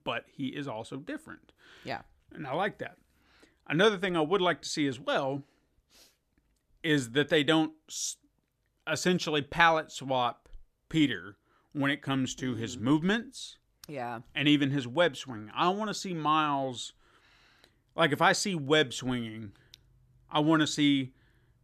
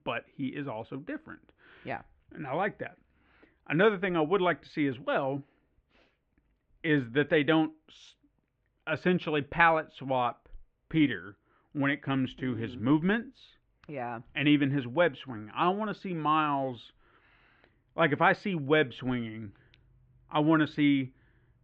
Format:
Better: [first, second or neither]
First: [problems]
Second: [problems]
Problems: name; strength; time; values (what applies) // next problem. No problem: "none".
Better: first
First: none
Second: muffled; very; fading above 2.5 kHz